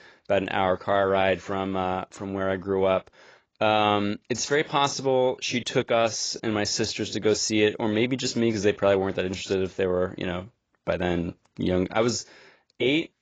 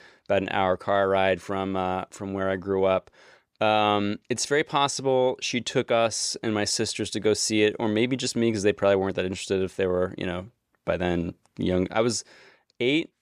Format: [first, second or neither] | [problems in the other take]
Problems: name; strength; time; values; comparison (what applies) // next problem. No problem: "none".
second | garbled, watery; badly; nothing above 7.5 kHz